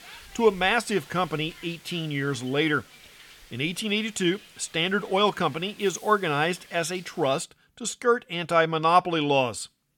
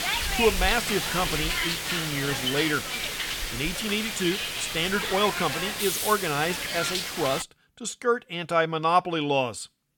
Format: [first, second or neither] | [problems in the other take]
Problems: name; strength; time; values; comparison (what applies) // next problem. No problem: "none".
first | hiss; loud; until 7.5 s; 1 dB below the speech; faint in the first